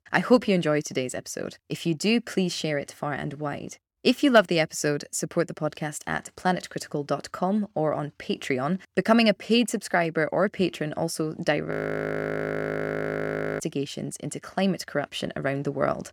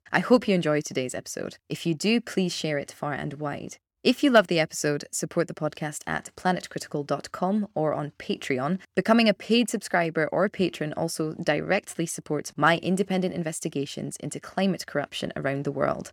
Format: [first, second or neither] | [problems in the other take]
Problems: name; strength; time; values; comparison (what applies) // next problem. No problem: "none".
second | audio freezing; at 12 s for 2 s